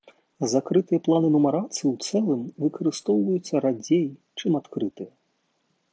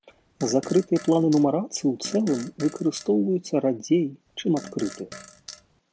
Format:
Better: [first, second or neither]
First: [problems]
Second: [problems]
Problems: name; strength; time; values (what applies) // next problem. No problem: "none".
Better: first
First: none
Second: background sound (Fart); 18 dB below the speech